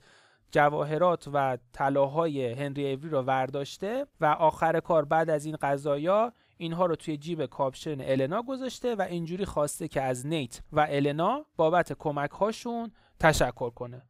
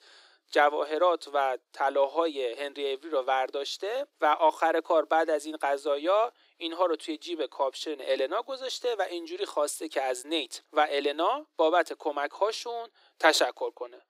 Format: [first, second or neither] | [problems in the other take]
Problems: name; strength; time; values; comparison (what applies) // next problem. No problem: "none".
first | thin; very; fading below 300 Hz